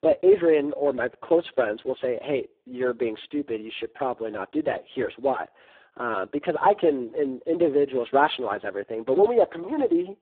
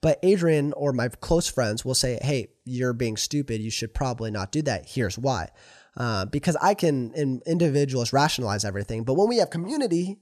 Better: second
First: phone-call audio; poor line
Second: none

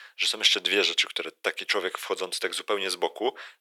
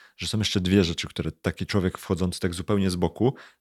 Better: second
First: thin; very; fading below 450 Hz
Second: none

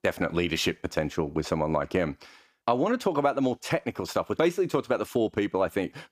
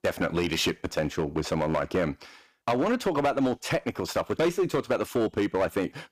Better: first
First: none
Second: distortion; slight; 8% of the sound clipped

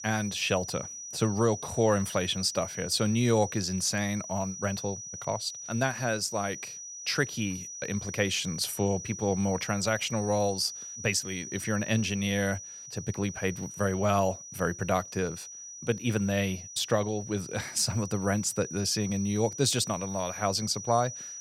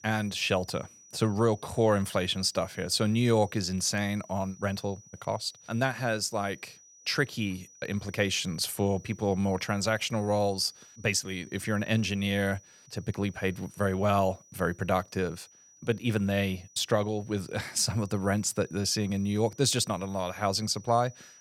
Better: second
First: high-pitched whine; loud; throughout; 6 kHz, 10 dB below the speech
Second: high-pitched whine; faint; throughout; 6 kHz, 25 dB below the speech

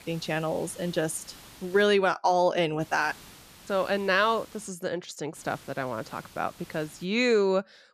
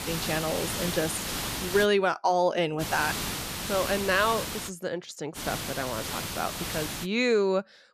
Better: first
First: hiss; faint; until 2 s, from 3 to 4.5 s and from 5.5 to 7 s; 20 dB below the speech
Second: hiss; loud; until 2 s, from 3 to 4.5 s and from 5.5 to 7 s; 4 dB below the speech

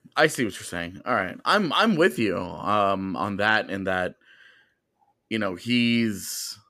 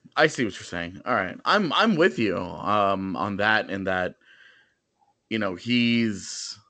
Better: first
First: none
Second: garbled, watery; slightly; nothing above 8 kHz

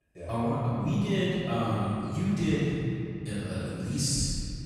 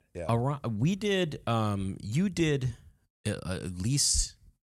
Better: second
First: room echo; strong; dies away in 2.5 s // off-mic speech; far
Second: none

